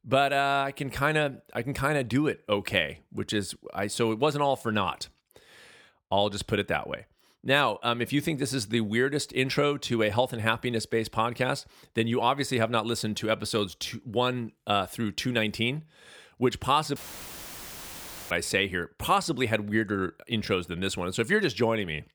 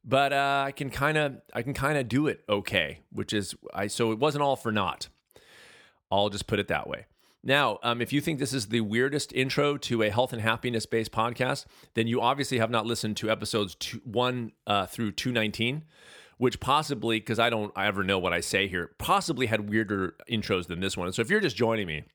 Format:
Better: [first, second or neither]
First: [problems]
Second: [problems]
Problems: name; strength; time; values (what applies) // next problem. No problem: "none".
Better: second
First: audio cutting out; filled with static; at 17 s for 1.5 s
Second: none